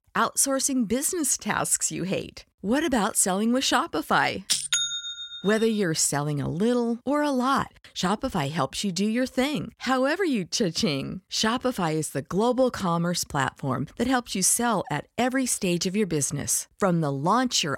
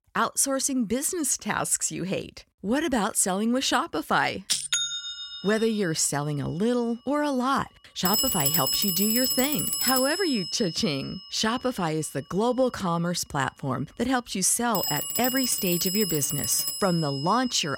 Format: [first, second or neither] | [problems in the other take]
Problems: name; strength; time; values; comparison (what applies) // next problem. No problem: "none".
first | alarms or sirens; loud; from 5 s on; as loud as the speech